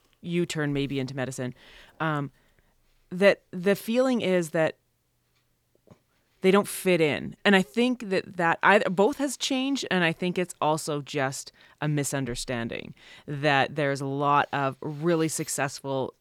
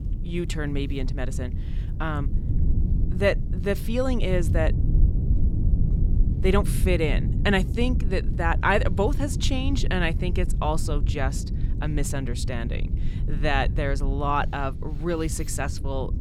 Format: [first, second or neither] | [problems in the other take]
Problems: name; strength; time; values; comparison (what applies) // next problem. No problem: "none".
first | low rumble; noticeable; throughout; 15 dB below the speech